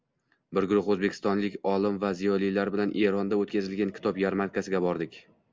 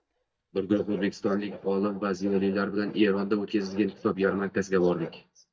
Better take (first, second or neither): first